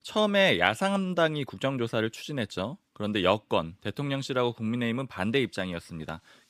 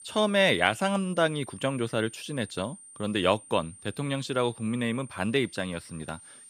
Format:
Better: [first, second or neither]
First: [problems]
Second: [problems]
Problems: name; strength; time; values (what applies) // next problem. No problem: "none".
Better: first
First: none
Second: high-pitched whine; noticeable; throughout; 9 kHz, 20 dB below the speech